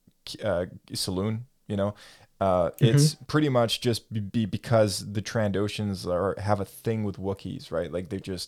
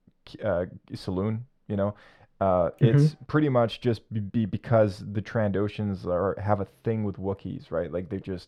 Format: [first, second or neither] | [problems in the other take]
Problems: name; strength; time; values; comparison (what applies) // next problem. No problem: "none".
first | muffled; very; fading above 4 kHz